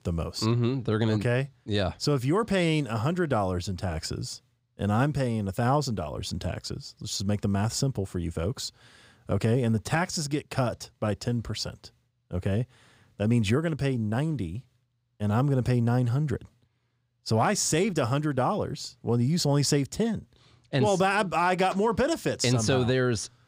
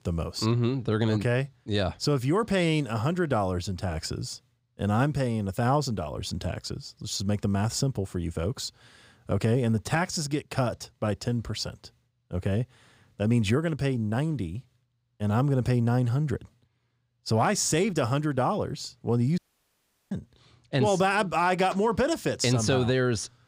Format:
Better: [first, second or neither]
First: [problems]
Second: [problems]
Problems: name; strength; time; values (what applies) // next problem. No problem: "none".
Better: first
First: none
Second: audio cutting out; at 19 s for 0.5 s